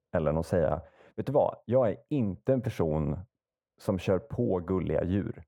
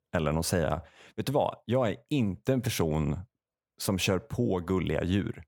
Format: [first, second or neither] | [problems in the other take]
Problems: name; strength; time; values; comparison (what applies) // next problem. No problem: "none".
second | muffled; very; fading above 2.5 kHz